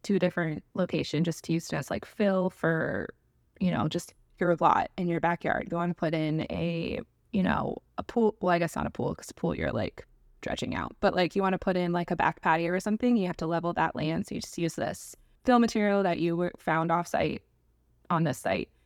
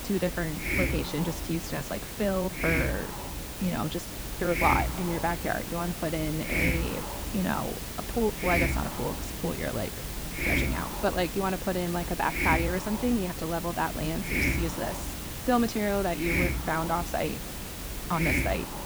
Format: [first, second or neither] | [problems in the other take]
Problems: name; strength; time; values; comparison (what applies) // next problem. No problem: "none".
first | hiss; loud; throughout; 1 dB below the speech